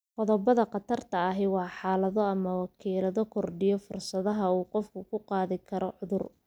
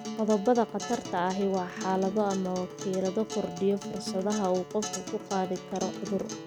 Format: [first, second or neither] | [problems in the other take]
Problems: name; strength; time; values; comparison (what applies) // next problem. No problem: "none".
first | background sound (Acoustic guitar); 9 dB below the speech